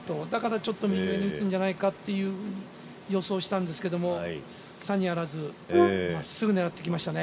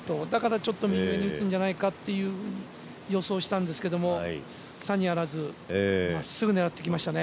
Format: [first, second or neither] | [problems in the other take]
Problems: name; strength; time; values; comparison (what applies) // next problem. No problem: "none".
second | background sound (Brass instrument); 1 dB above the speech // room echo; dies away in 1.9 s